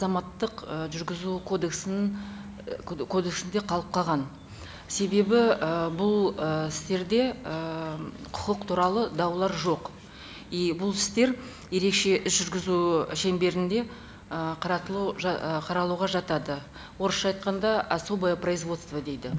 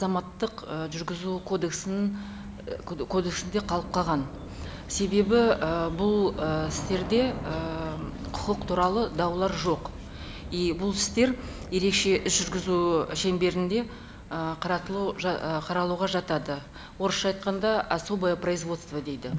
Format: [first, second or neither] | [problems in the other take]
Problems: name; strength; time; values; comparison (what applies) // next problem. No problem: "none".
first | background sound (Subway, metro, underground / Train); 14 dB below the speech